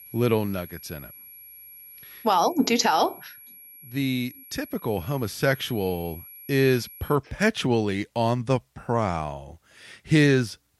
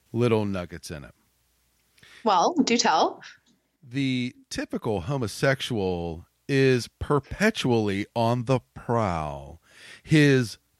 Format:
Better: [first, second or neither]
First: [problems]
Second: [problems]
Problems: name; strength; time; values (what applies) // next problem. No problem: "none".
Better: second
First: high-pitched whine; noticeable; until 7 s; 11.5 kHz, 20 dB below the speech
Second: none